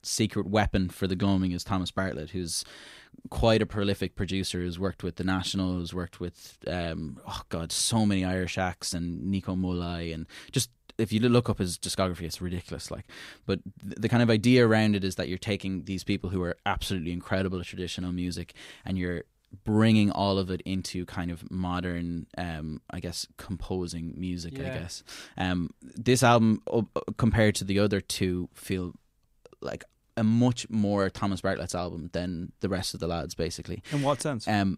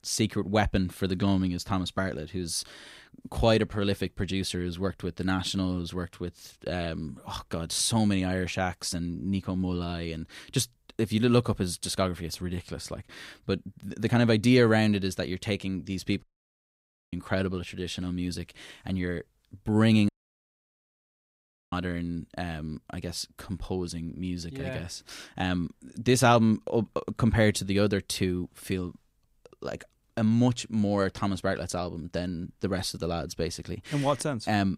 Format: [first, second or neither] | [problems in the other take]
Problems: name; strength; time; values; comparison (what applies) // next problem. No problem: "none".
first | audio cutting out; at 16 s for 1 s and at 20 s for 1.5 s